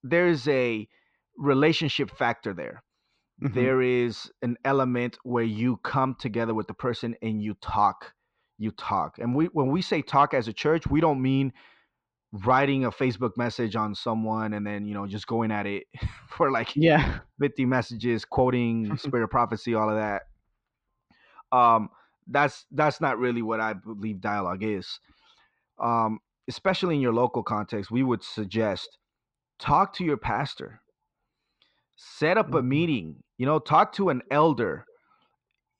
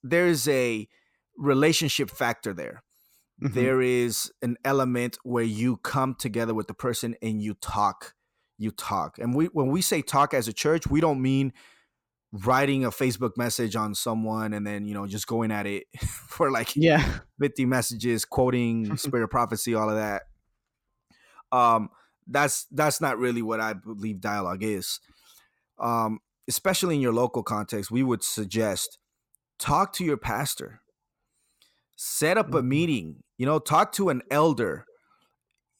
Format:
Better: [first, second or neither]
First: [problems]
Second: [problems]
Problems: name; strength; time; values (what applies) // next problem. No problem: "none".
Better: second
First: muffled; slightly; fading above 4 kHz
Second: none